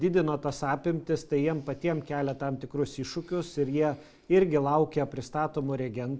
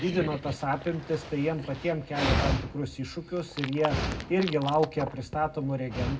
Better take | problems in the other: first | background sound (Dog); 5 dB below the speech // room echo; dies away in 0.3 s

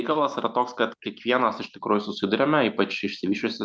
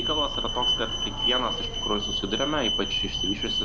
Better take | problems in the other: first | background sound (Alarm); 3 dB above the speech

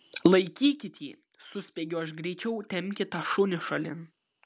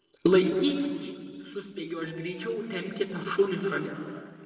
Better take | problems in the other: first | noise reduction (neural separator model SepFormer DNS4)

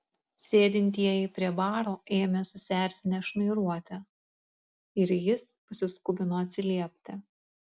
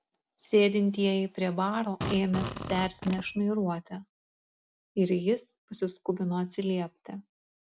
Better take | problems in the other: first | background sound (Fart); 7 dB below the speech

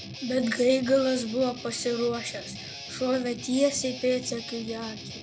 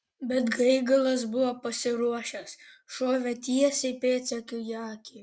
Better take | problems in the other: second | background sound (Guitar); 13 dB below the speech

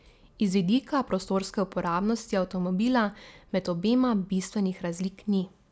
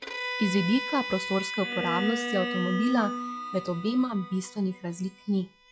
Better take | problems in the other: first | noise reduction (classical method log-MMSE)

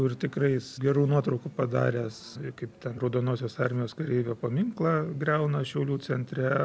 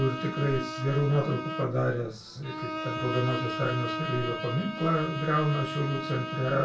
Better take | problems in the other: first | background sound (Bowed string instrument); 6 dB below the speech // room echo; dies away in 0.2 s

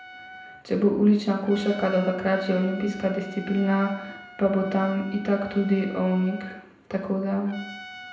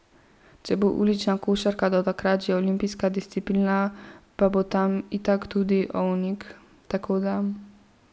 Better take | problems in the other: second | background sound (Trumpet); 18 dB below the speech // room echo; dies away in 0.7 s

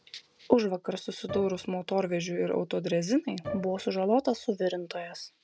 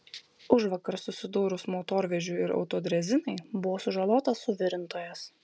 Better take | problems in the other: second | noise reduction (neural mask model RNNoise)

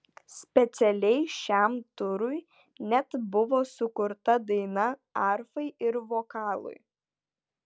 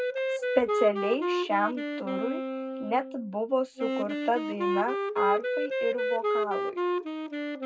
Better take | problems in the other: first | background sound (Wind instrument, woodwind instrument); 1 dB above the speech // room echo; dies away in 0.3 s

